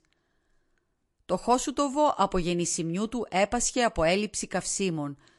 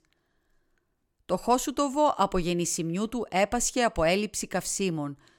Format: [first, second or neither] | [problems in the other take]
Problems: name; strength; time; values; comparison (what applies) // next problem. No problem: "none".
second | garbled, watery; slightly